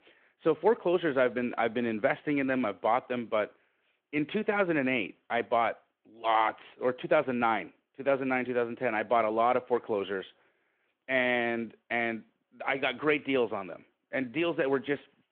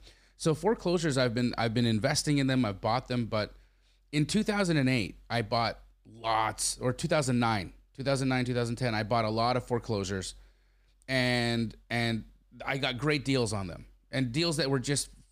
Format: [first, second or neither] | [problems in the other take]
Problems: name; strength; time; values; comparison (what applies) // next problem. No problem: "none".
second | phone-call audio